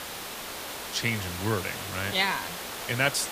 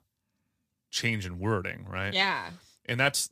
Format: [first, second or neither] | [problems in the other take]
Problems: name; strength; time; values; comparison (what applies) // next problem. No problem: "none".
second | hiss; loud; throughout; 6 dB below the speech